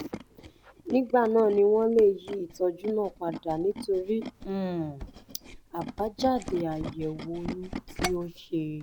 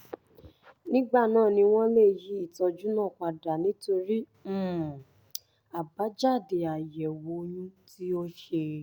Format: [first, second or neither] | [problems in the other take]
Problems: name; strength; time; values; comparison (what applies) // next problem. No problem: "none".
second | background sound (Tools); 13 dB below the speech